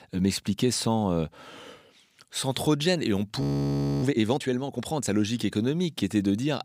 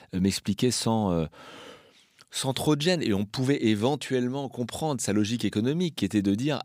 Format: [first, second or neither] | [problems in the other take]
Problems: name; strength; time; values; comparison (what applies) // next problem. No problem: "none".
second | audio freezing; at 3.5 s for 0.5 s